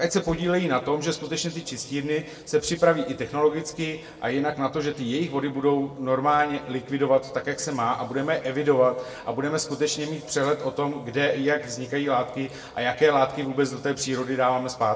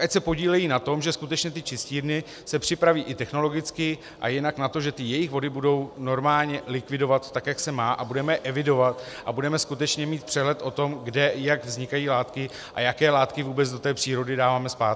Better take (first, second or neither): second